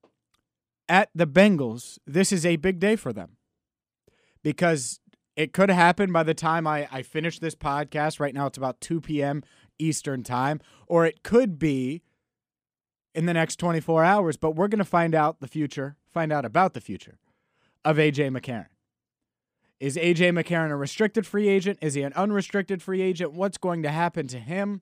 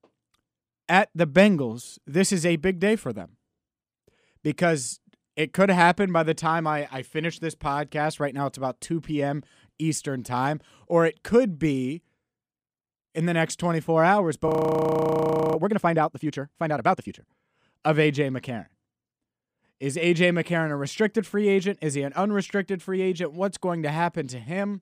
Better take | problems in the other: first | audio freezing; at 14 s for 1 s

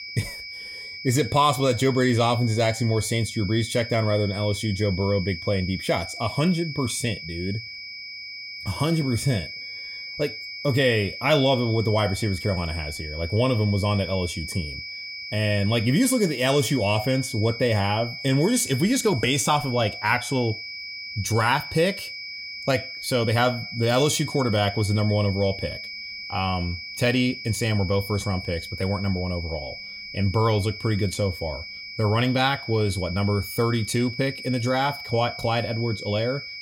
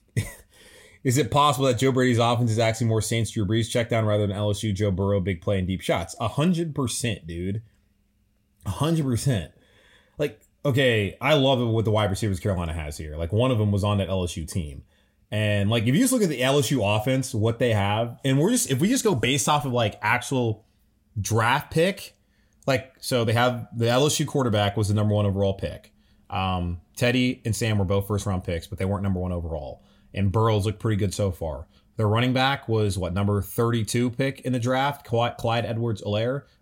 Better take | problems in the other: second | high-pitched whine; loud; throughout; 2.5 kHz, 9 dB below the speech

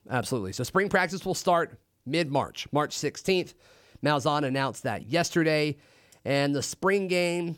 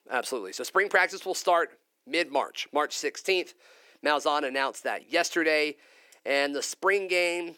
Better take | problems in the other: first | thin; somewhat; fading below 350 Hz

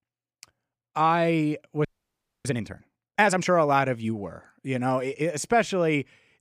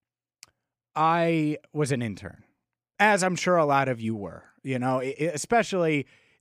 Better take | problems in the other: second | audio freezing; at 2 s for 0.5 s

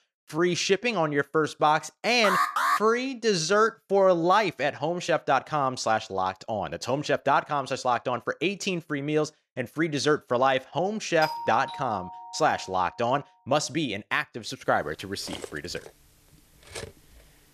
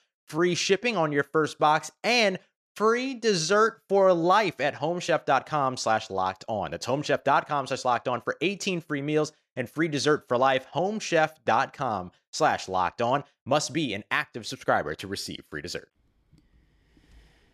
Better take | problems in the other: second | alarm; loud; at 2 s; peak 2 dB above the speech // doorbell; noticeable; from 11 to 13 s; peak 7 dB below the speech // clattering dishes; faint; from 15 to 17 s; peak 15 dB below the speech

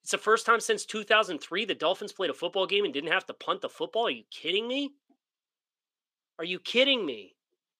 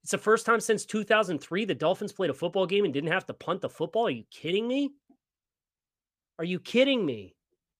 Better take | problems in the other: second | thin; very slightly; fading below 300 Hz

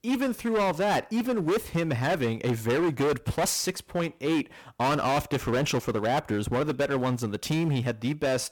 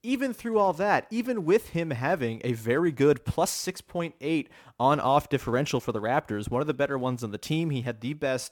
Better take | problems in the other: second | distortion; heavy; 19% of the sound clipped

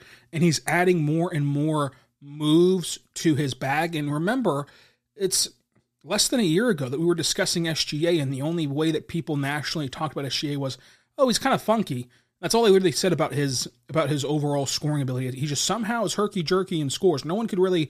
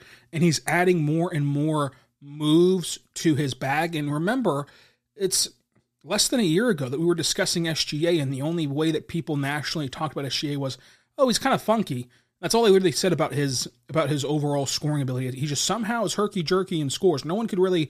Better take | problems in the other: neither | none

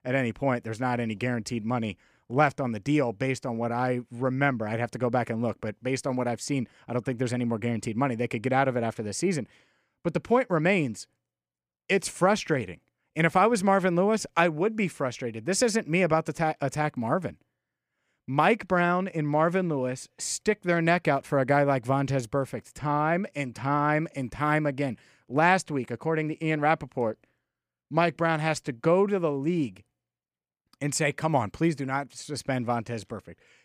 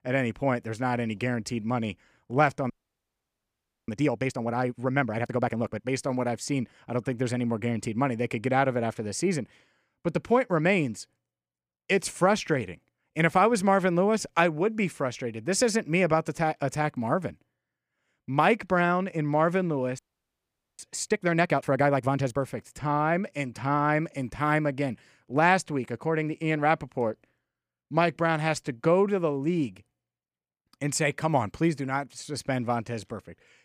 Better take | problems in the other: first | audio freezing; at 2.5 s for 1 s and at 20 s for 1 s

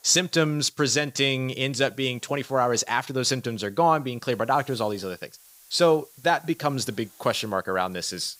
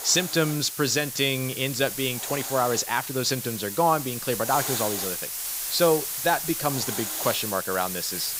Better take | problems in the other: first | hiss; loud; throughout; 4 dB below the speech; faint in the first

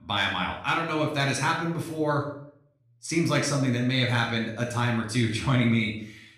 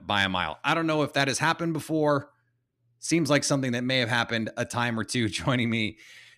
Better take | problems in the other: second | off-mic speech; somewhat distant // room echo; noticeable; dies away in 0.5 s

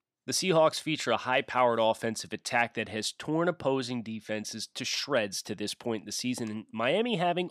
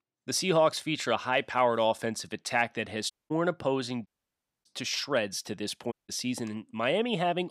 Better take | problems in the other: first | audio cutting out; at 3 s, at 4 s for 0.5 s and at 6 s

